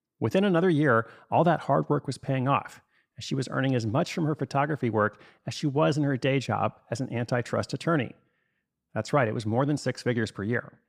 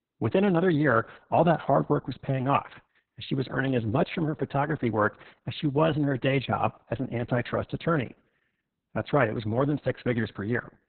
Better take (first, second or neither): first